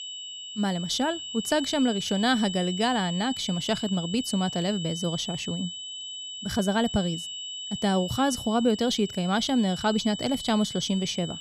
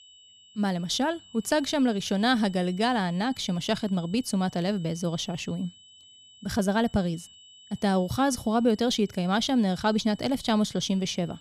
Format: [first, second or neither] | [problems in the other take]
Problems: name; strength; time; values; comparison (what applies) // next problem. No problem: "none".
second | high-pitched whine; loud; throughout; 3 kHz, 8 dB below the speech; faint in the second